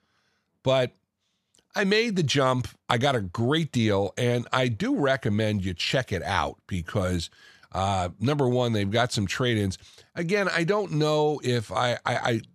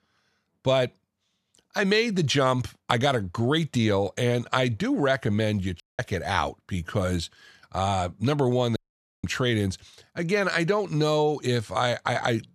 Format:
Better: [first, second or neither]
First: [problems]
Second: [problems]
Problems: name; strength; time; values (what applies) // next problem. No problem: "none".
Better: first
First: none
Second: audio cutting out; at 6 s and at 9 s